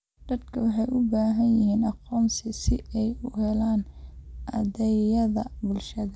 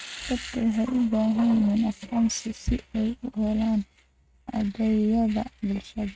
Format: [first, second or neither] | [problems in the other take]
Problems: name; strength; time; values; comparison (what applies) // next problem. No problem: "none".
first | noise reduction (neural mask model RNNoise)